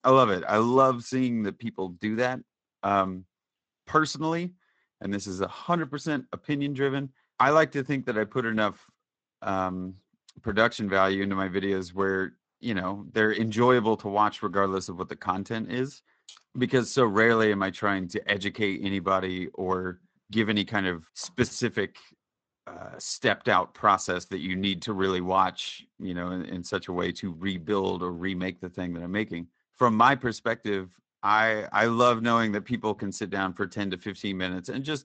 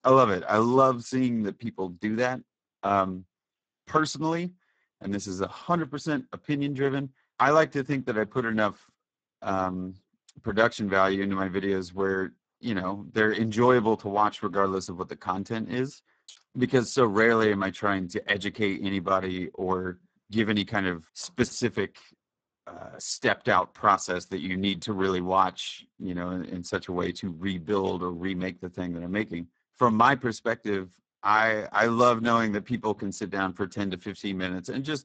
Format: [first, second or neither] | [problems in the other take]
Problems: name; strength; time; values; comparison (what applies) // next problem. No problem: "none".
first | garbled, watery; badly; nothing above 8 kHz; slightly in the first